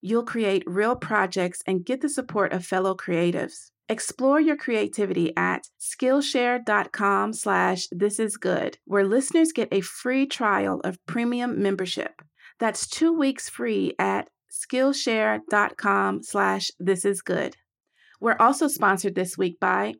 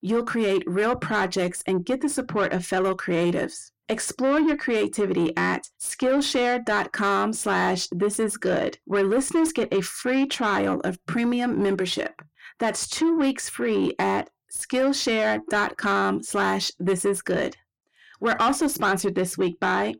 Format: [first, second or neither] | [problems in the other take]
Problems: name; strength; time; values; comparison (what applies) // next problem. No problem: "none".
first | distortion; slight; 10 dB below the speech